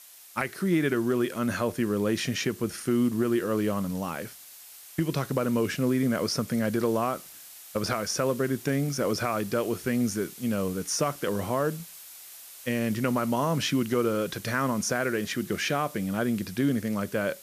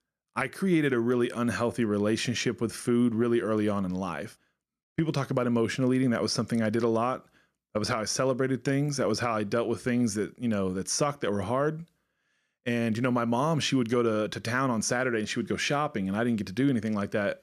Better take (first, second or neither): second